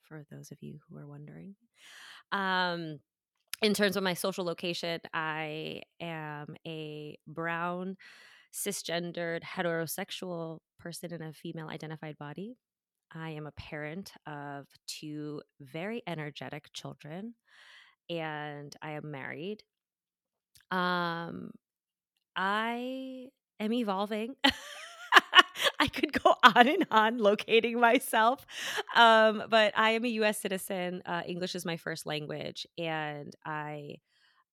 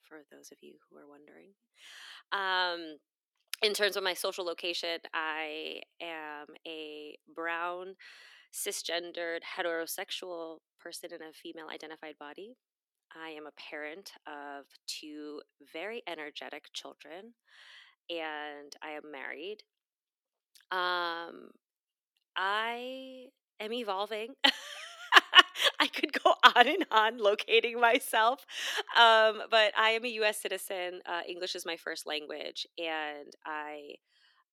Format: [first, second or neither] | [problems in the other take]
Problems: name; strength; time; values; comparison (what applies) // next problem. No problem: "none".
first | thin; somewhat; fading below 300 Hz